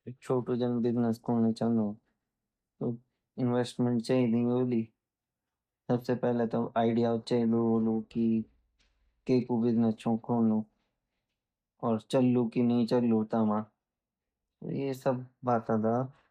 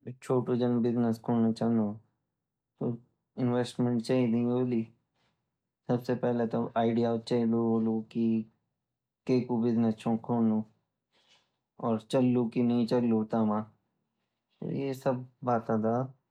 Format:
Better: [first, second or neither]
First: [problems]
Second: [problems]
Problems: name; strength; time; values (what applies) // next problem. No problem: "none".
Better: second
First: noise reduction (neural mask model DeepFilterNet 3)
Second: none